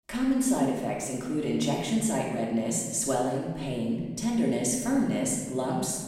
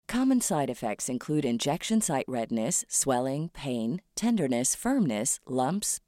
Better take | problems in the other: second | off-mic speech; far // room echo; noticeable; dies away in 1.4 s

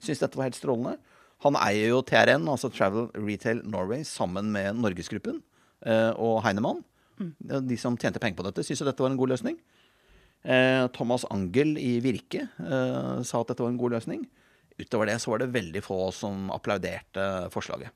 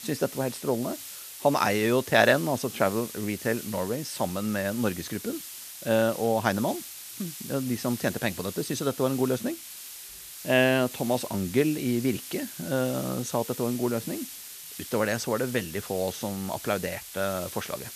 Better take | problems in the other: first | hiss; noticeable; throughout; 10 dB below the speech

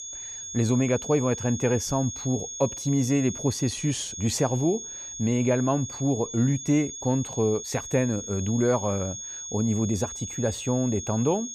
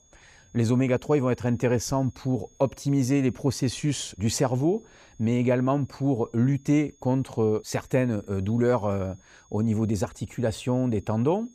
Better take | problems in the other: second | high-pitched whine; loud; throughout; 6.5 kHz, 8 dB below the speech; faint in the second

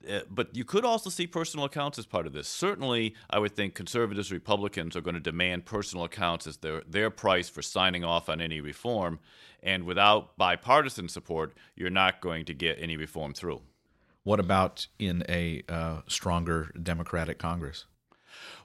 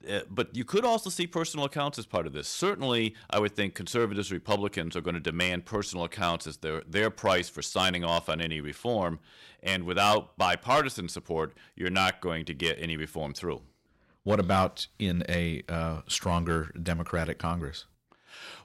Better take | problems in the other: first | distortion; slight; 1.3% of the sound clipped

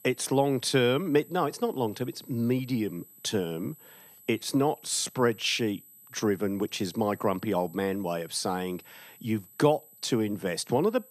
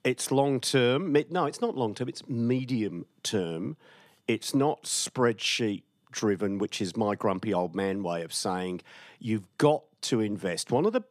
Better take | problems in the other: second | high-pitched whine; faint; throughout; 12 kHz, 20 dB below the speech

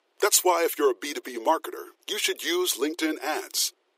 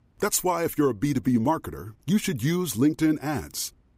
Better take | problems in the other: second | thin; very; fading below 350 Hz

